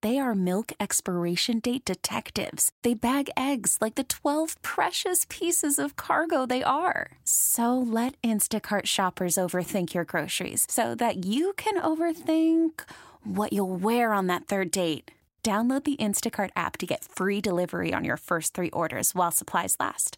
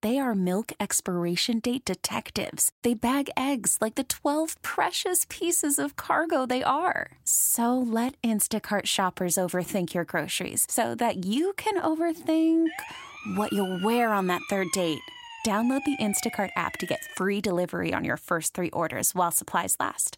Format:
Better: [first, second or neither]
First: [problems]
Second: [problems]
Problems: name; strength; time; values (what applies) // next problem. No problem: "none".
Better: first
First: none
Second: siren; faint; from 13 to 17 s; peak 10 dB below the speech